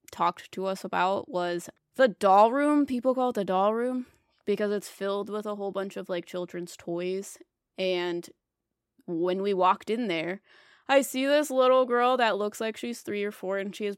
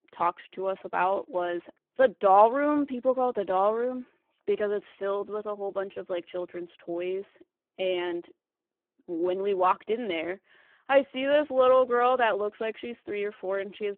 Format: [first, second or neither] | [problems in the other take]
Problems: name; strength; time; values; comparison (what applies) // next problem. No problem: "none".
first | phone-call audio; poor line